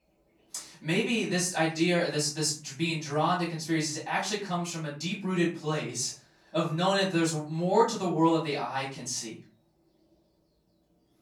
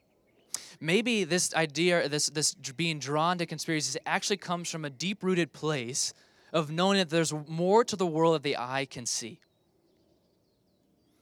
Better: second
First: off-mic speech; far // room echo; slight; dies away in 0.3 s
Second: none

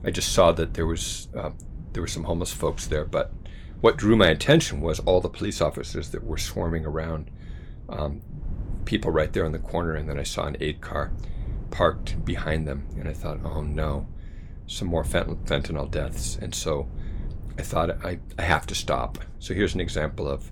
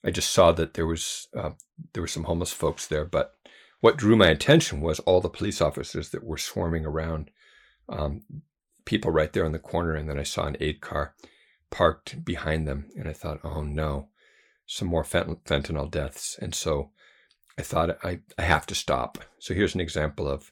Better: second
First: wind noise on the microphone; occasional gusts; 25 dB below the speech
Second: none

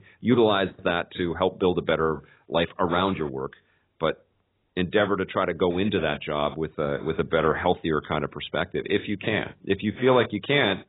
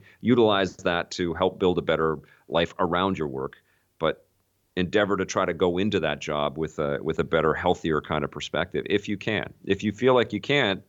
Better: second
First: garbled, watery; badly; nothing above 3.5 kHz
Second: none

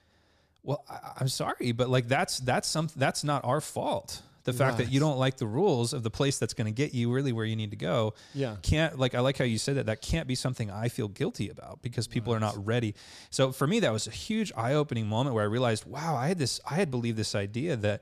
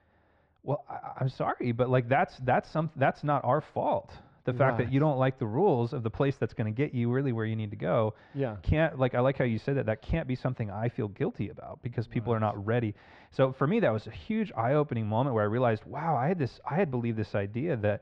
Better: first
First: none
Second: muffled; very; fading above 2.5 kHz

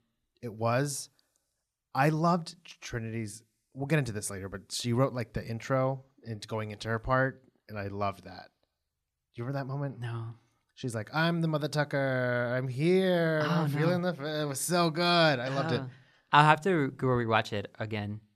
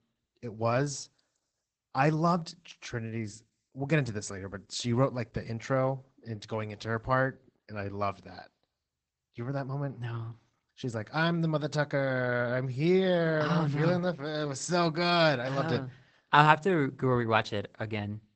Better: first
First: none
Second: garbled, watery; badly; nothing above 8 kHz

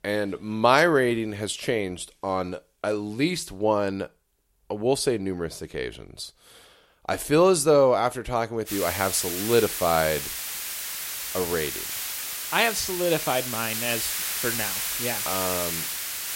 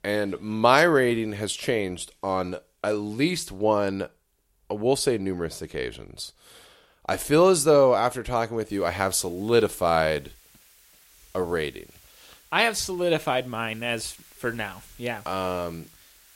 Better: second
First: hiss; loud; from 8.5 s on; 3 dB below the speech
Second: hiss; faint; from 8.5 s on; 25 dB below the speech

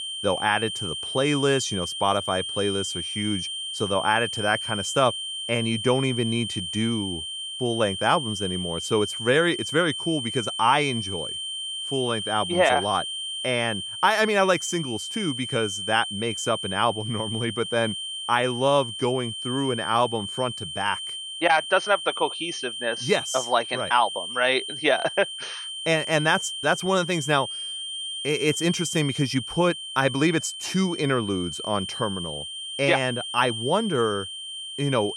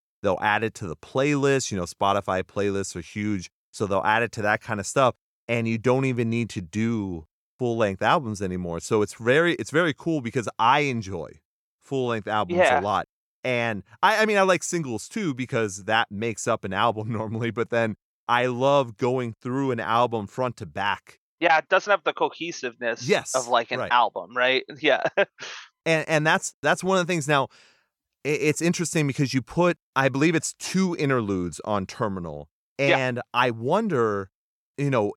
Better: second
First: high-pitched whine; loud; throughout; 3 kHz, 6 dB below the speech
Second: none

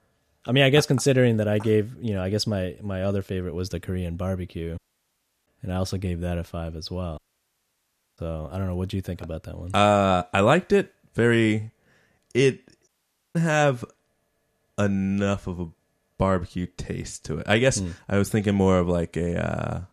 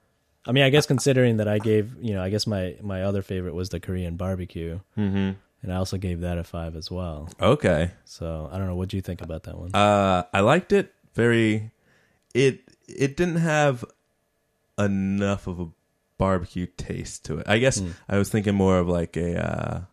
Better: second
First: audio cutting out; at 5 s for 0.5 s, at 7 s for 1 s and at 13 s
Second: none

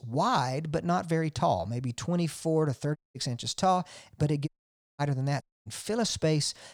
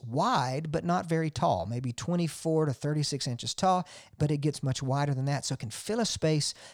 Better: second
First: audio cutting out; at 3 s, at 4.5 s for 0.5 s and at 5.5 s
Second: none

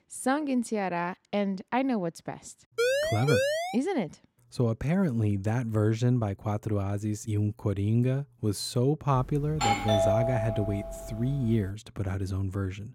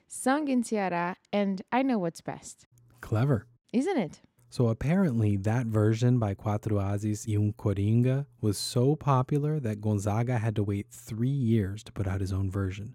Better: second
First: siren; loud; at 3 s; peak 3 dB above the speech // doorbell; loud; from 9 to 11 s; peak 4 dB above the speech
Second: none

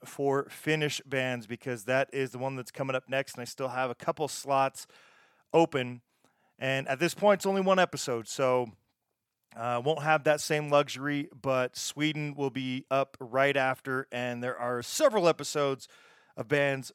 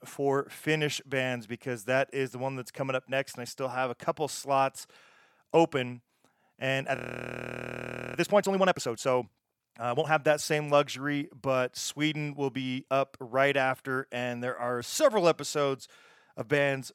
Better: first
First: none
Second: audio freezing; at 7 s for 1 s

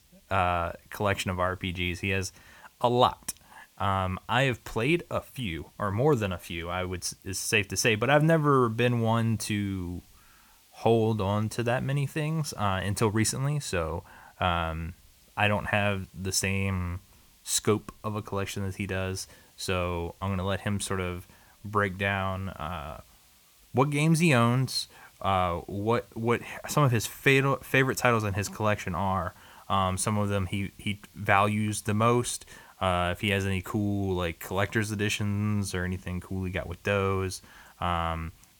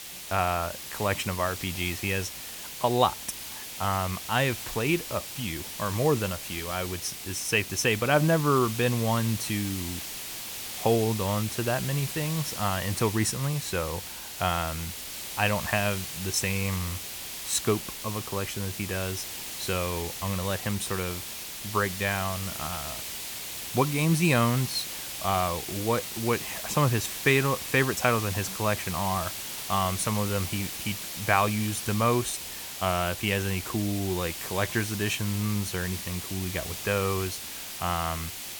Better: first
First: hiss; faint; throughout; 30 dB below the speech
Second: hiss; loud; throughout; 6 dB below the speech

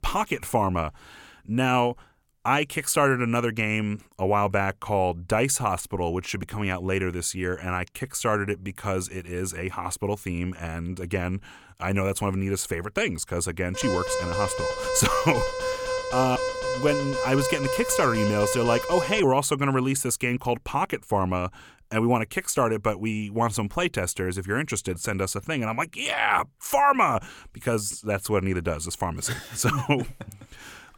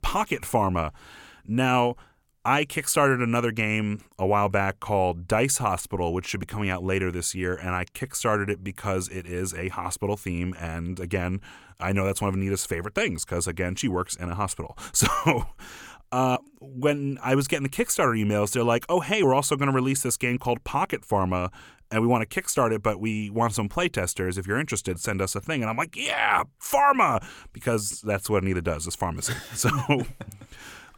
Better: second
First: alarm; noticeable; from 14 to 19 s; peak 2 dB below the speech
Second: none

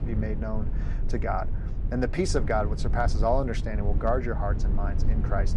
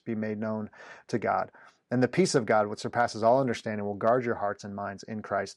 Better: second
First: low rumble; noticeable; throughout; 15 dB below the speech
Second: none

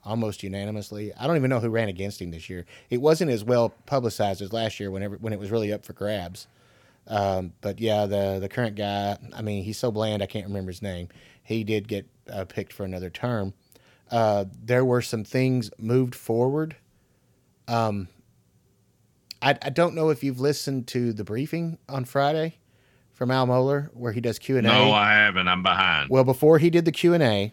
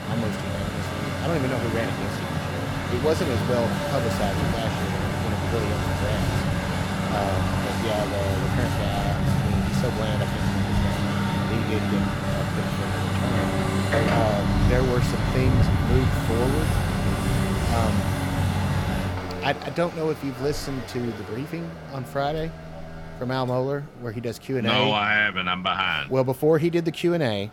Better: first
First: none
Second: traffic noise; very loud; throughout; 2 dB above the speech

